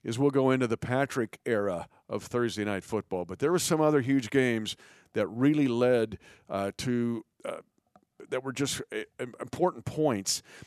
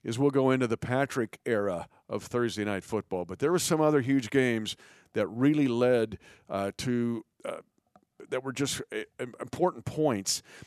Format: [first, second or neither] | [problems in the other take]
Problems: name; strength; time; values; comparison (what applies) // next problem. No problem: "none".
neither | none